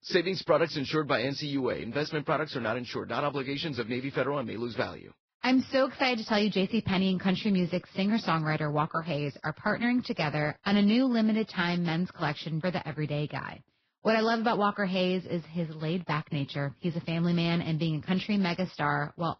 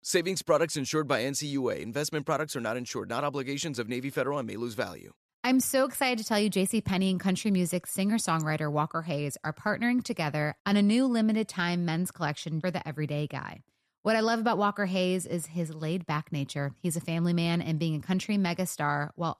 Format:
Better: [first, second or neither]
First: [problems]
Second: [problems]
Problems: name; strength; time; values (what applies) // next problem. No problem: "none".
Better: second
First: garbled, watery; badly; nothing above 5.5 kHz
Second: none